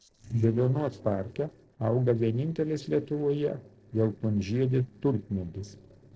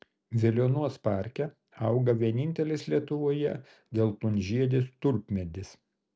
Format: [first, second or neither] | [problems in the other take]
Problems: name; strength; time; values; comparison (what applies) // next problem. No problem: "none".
second | noise reduction (neural separator model SepFormer DNS4)